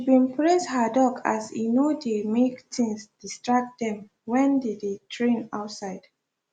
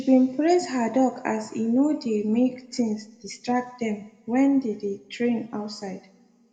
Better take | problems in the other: first | room echo; dies away in 0.9 s

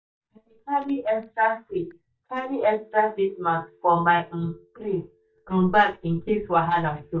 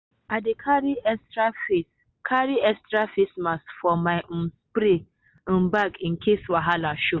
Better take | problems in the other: second | noise reduction (neural mask model DeepFilterNet 3)

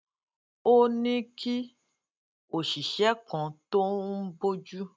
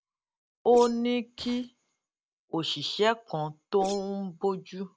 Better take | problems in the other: first | background sound (Whoosh, swoosh, swish); 20 dB below the speech

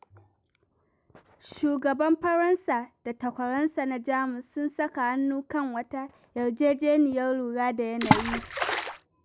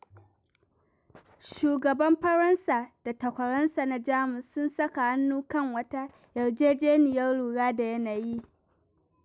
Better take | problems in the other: second | background sound (Water / Splash, splatter); 1 dB above the speech

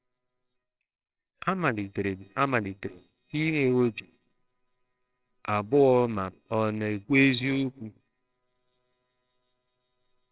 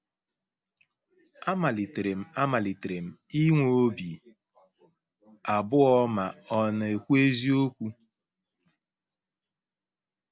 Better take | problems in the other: second | noise reduction (neural separator model SepFormer WHAMR!)

